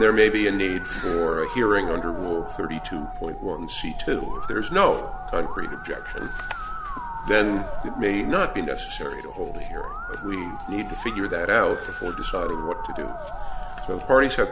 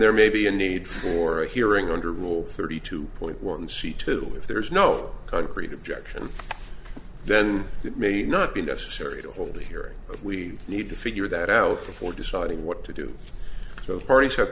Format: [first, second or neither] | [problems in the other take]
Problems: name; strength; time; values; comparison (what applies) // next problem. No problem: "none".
second | background sound (Musical instrument); 11 dB below the speech